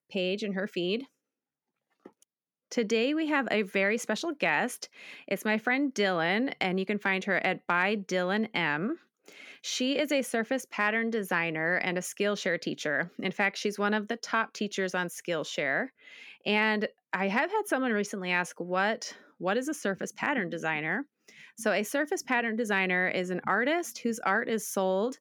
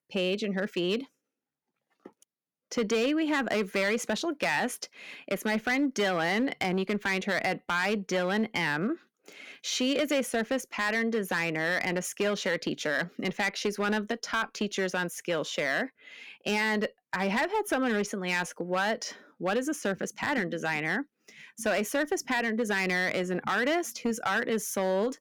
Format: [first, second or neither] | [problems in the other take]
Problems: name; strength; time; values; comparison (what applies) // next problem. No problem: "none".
first | distortion; slight; 6% of the sound clipped